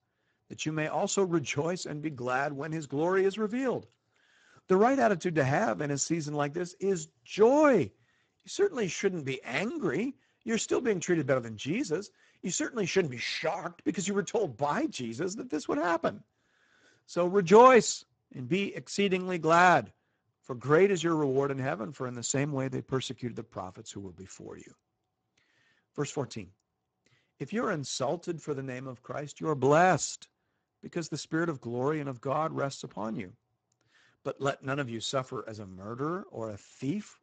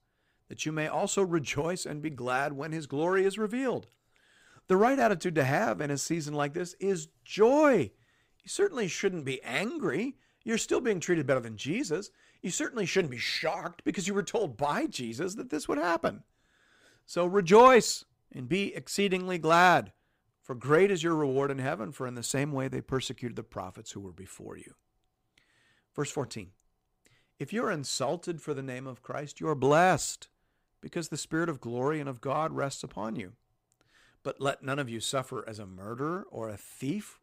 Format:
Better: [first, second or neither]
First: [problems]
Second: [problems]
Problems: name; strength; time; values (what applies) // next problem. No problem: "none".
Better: second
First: garbled, watery; badly; nothing above 7.5 kHz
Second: none